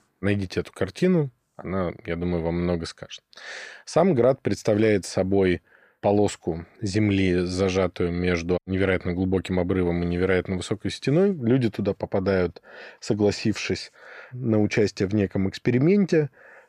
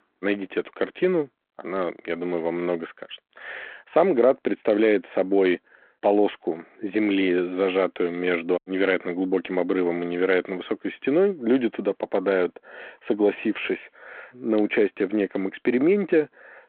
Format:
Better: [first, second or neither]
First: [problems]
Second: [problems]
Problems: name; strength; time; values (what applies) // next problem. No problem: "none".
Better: first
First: none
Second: phone-call audio